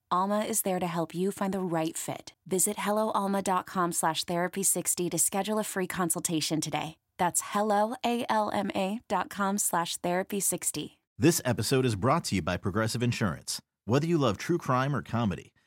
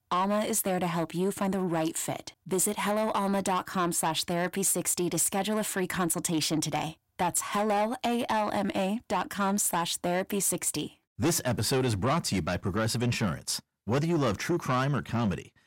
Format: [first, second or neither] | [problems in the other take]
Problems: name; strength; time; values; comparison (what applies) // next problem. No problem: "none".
first | distortion; slight; 10 dB below the speech